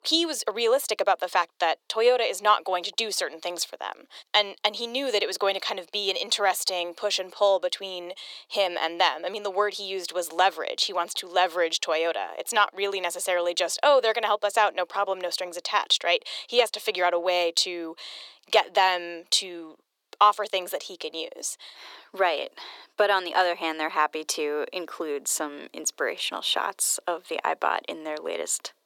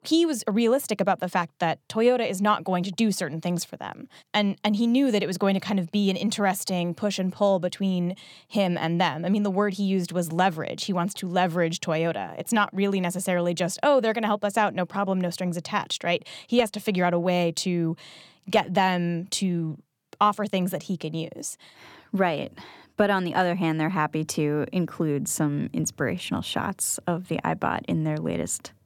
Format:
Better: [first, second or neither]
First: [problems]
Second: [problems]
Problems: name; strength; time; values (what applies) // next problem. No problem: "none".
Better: second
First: thin; very; fading below 400 Hz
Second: none